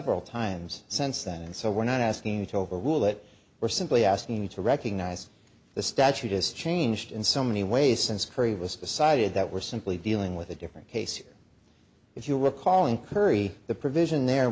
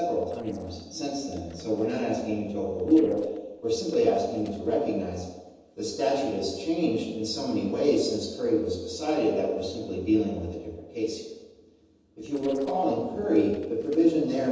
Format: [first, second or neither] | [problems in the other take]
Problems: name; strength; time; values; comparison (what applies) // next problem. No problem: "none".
first | noise reduction (neural separator model SepFormer DNS4)